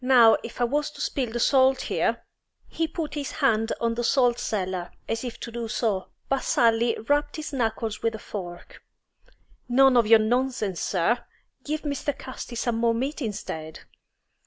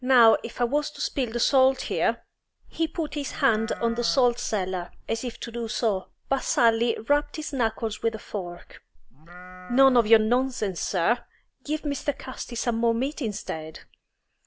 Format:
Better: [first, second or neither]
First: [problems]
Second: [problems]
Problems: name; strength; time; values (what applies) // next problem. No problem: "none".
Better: first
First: none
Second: background sound (Livestock, farm animals, working animals); 14 dB below the speech